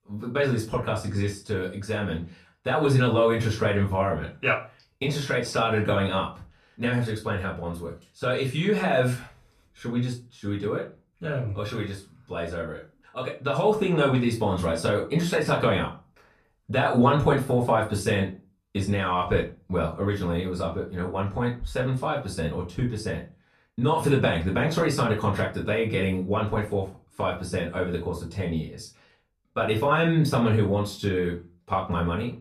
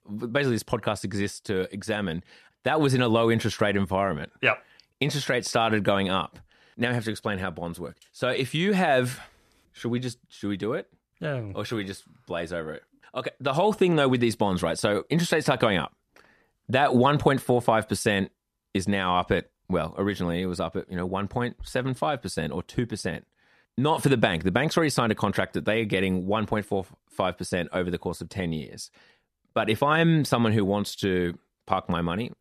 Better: second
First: off-mic speech; far // room echo; slight; dies away in 0.3 s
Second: none

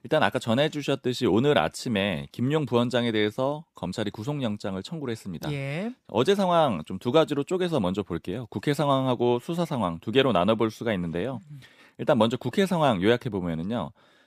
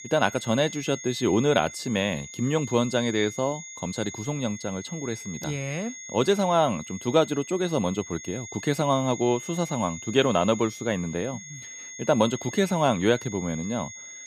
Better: first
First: none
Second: high-pitched whine; noticeable; throughout; 6.5 kHz, 10 dB below the speech

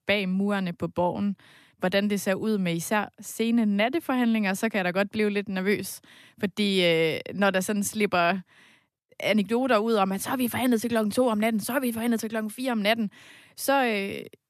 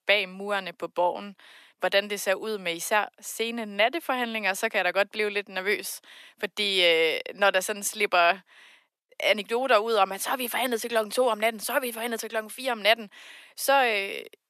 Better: first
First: none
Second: thin; very; fading below 550 Hz

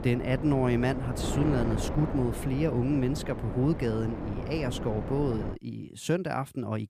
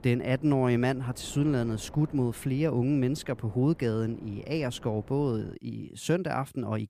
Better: second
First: wind noise on the microphone; heavy; until 5.5 s; 6 dB below the speech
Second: wind noise on the microphone; occasional gusts; until 5.5 s; 20 dB below the speech

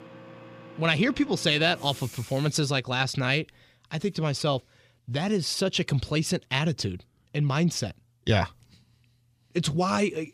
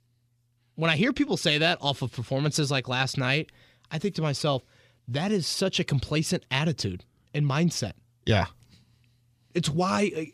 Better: second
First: household noises; noticeable; until 2.5 s; 20 dB below the speech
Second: none

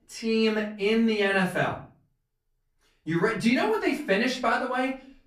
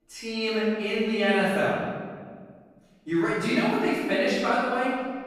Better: first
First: room echo; slight; dies away in 0.4 s // off-mic speech; far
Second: room echo; strong; dies away in 1.6 s // off-mic speech; far

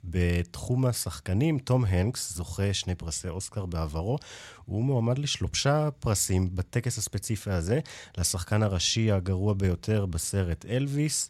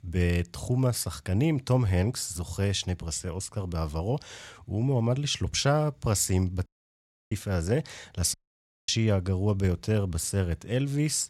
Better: first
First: none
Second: audio cutting out; at 6.5 s for 0.5 s and at 8.5 s for 0.5 s

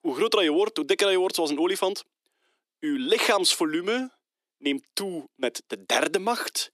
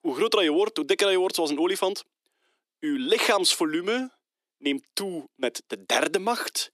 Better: neither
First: thin; very slightly; fading below 250 Hz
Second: thin; very slightly; fading below 250 Hz

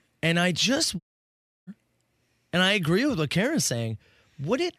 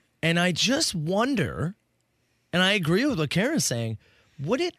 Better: second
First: audio cutting out; at 1 s for 0.5 s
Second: none

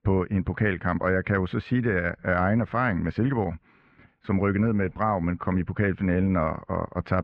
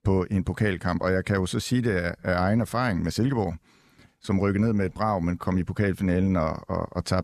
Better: second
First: muffled; very; fading above 2.5 kHz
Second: none

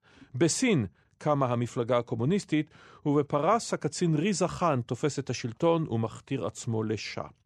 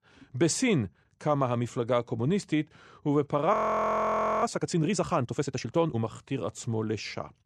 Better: first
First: none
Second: audio freezing; at 3.5 s for 1 s

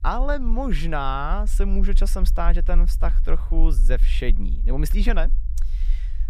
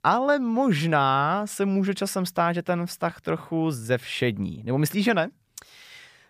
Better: second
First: low rumble; faint; throughout; 20 dB below the speech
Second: none

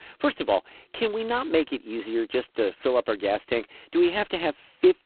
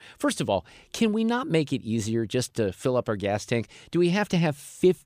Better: second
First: phone-call audio; poor line; nothing above 4 kHz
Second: none

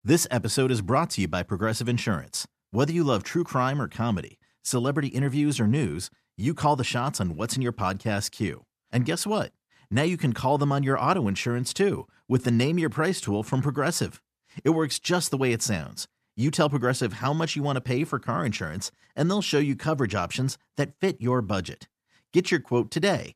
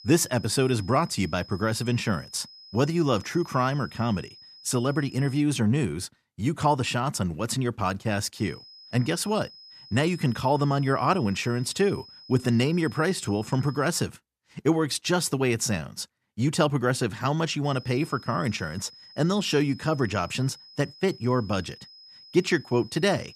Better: first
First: none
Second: high-pitched whine; faint; until 5.5 s, from 8.5 to 14 s and from 18 s on; 5 kHz, 20 dB below the speech

